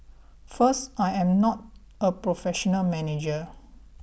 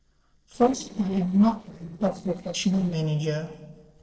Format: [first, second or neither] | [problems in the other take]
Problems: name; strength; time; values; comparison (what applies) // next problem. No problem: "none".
first | noise reduction (neural separator model SepFormer DNS4)